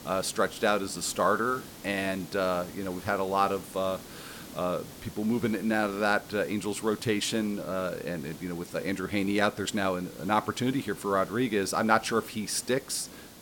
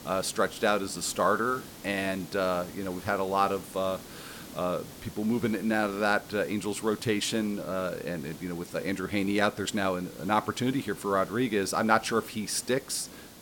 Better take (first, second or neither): neither